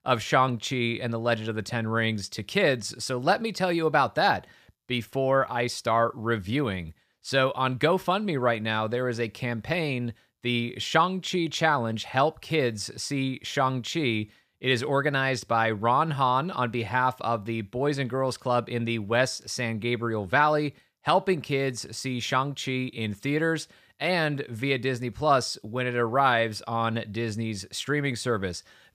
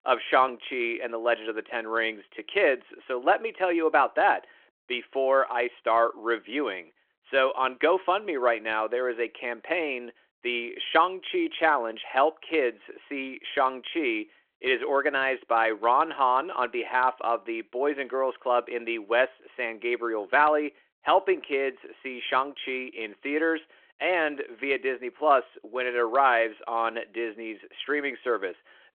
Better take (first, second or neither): first